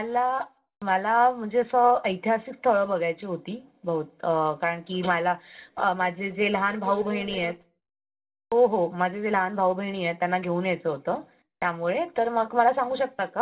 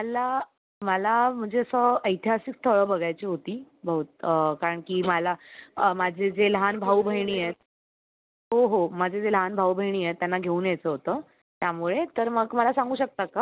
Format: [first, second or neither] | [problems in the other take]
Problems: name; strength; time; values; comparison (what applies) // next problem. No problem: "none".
second | room echo; dies away in 0.2 s